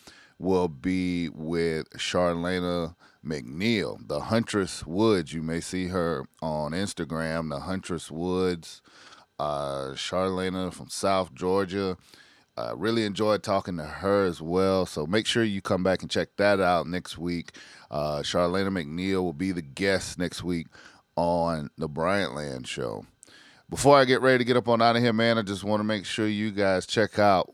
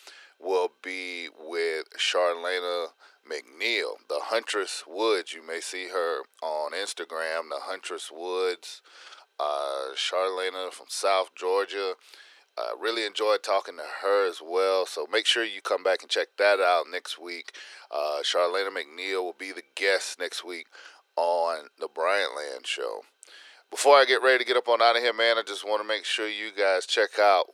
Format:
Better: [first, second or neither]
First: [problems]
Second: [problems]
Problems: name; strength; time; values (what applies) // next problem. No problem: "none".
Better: first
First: none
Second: thin; very; fading below 400 Hz